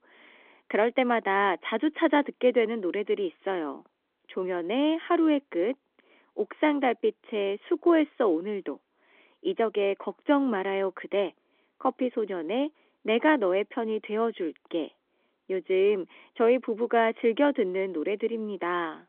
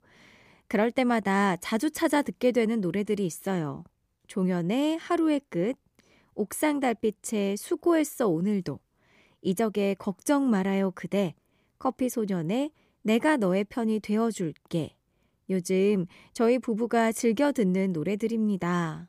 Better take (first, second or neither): second